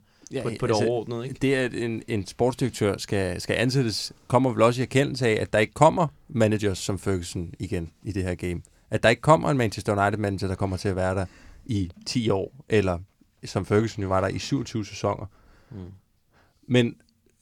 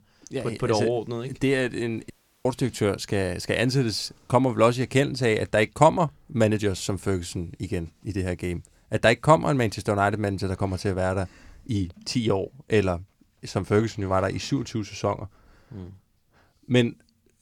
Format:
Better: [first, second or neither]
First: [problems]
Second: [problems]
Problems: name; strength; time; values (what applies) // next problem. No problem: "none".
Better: first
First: none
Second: audio cutting out; at 2 s